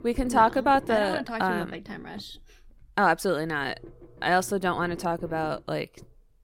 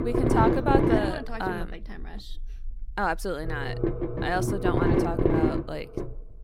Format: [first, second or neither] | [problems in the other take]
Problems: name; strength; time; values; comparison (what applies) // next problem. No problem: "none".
first | low rumble; loud; throughout; as loud as the speech; faint in the first